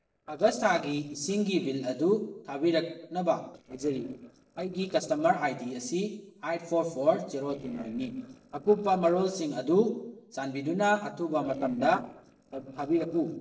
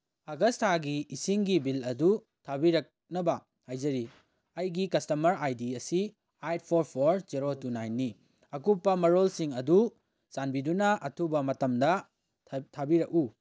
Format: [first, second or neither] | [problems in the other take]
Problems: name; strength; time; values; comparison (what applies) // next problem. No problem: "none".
second | noise reduction (neural separator model SepFormer DNS4)